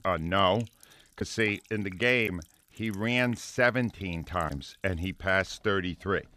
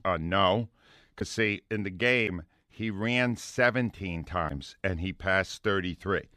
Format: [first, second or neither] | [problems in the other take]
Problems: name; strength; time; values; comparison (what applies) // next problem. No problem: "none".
second | household noises; faint; throughout; 25 dB below the speech